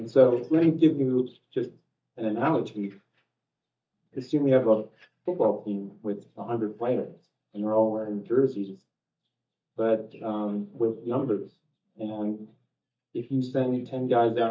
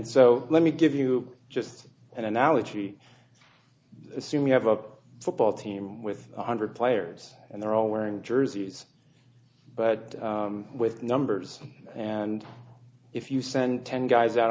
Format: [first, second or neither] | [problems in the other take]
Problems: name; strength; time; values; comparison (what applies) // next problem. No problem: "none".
second | noise reduction (neural mask model DeepFilterNet 3)